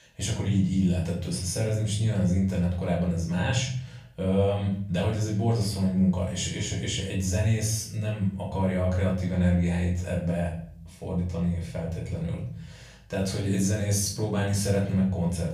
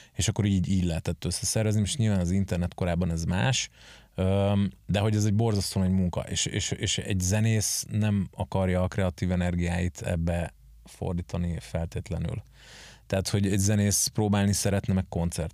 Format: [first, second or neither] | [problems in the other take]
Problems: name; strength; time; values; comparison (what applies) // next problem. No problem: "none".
second | off-mic speech; far // room echo; noticeable; dies away in 0.5 s